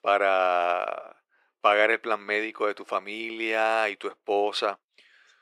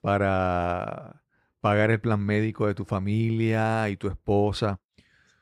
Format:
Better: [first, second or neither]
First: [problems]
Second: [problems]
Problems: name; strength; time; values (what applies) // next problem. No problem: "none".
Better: second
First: thin; very; fading below 350 Hz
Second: none